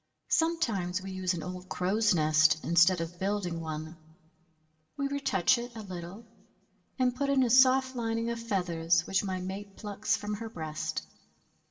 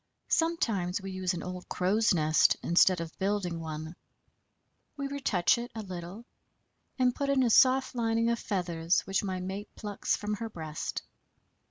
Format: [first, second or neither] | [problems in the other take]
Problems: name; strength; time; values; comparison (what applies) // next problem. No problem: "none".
second | room echo; dies away in 0.6 s